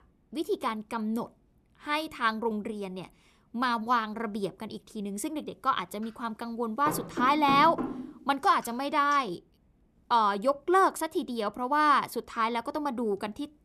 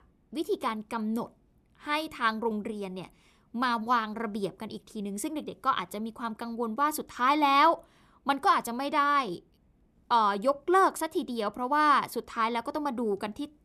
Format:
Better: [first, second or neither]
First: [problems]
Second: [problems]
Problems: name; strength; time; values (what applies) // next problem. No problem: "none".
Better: second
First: door banging; noticeable; from 7 to 9 s; peak 5 dB below the speech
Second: none